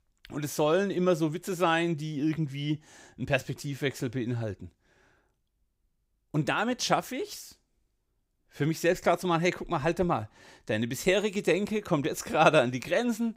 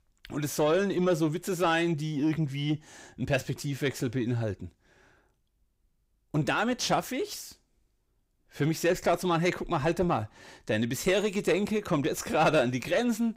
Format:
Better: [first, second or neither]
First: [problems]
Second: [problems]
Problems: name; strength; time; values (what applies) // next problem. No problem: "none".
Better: first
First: none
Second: distortion; slight; 10 dB below the speech